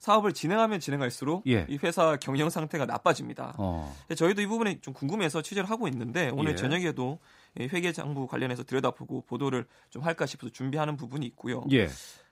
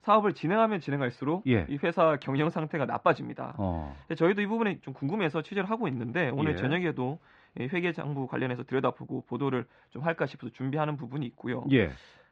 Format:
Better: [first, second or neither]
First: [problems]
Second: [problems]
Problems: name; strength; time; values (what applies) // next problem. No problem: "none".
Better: first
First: none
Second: muffled; very; fading above 3 kHz